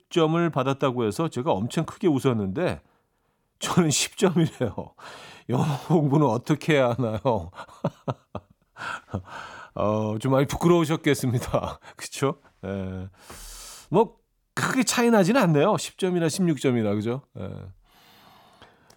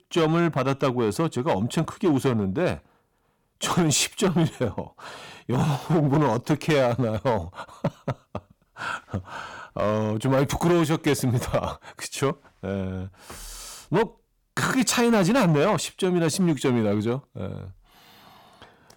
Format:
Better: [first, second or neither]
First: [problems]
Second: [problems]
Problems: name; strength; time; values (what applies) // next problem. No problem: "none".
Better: first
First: none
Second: distortion; slight; 6% of the sound clipped